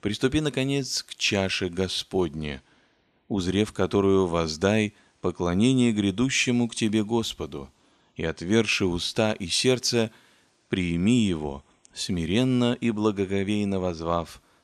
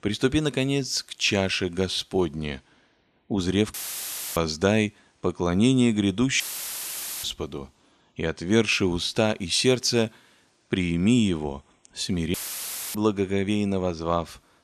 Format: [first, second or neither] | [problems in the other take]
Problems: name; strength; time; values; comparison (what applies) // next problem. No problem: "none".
first | audio cutting out; filled with static; at 3.5 s for 0.5 s, at 6.5 s for 1 s and at 12 s for 0.5 s